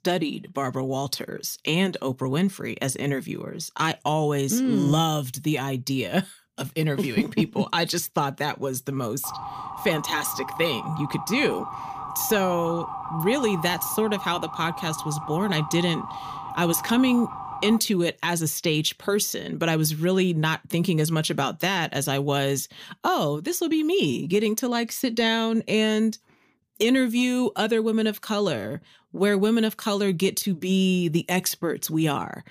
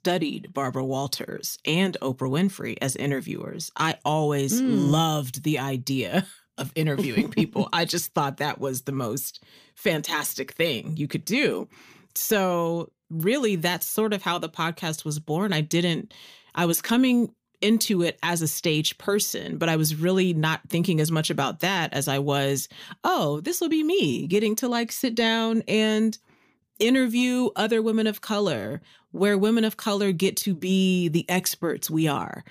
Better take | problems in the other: second | siren; noticeable; from 9 to 18 s; peak 8 dB below the speech

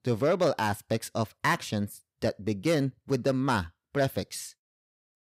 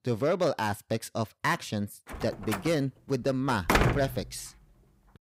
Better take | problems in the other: first | door banging; loud; from 2 to 4 s; peak 6 dB above the speech

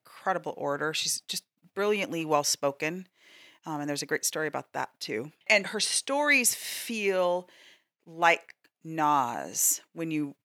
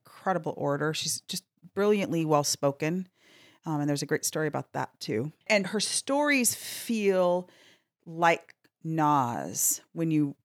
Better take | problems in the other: second | thin; very slightly; fading below 950 Hz

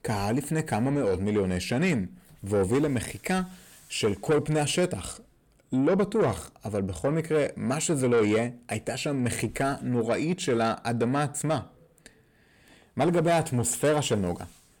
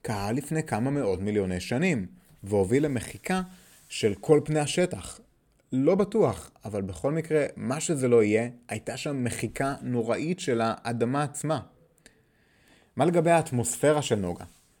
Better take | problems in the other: second | distortion; slight; 10 dB below the speech

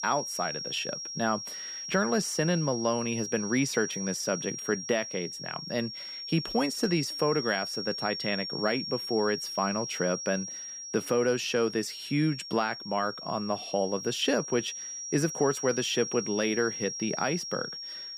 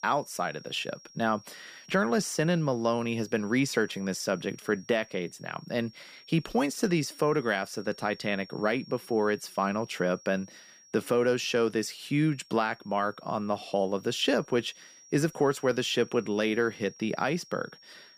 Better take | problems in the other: second | high-pitched whine; loud; throughout; 5.5 kHz, 6 dB below the speech; faint in the second

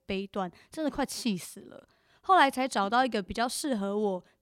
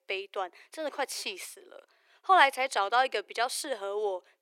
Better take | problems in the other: first | thin; very; fading below 350 Hz

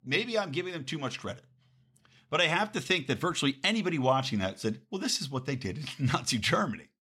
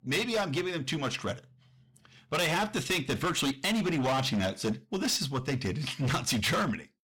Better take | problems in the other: first | distortion; heavy; 17% of the sound clipped

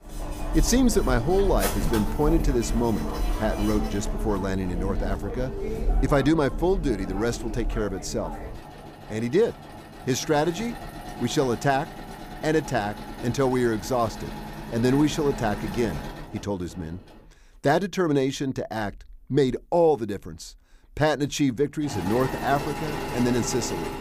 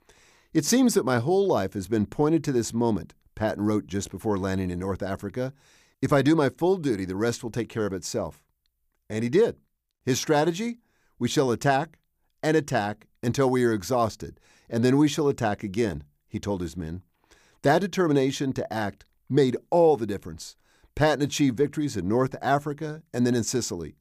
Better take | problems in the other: second | machinery noise; loud; throughout; 7 dB below the speech

